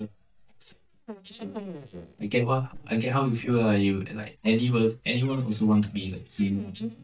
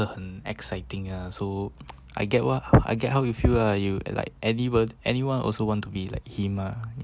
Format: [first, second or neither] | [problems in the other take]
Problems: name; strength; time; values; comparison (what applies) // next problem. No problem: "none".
second | noise reduction (neural mask model DeepFilterNet 3)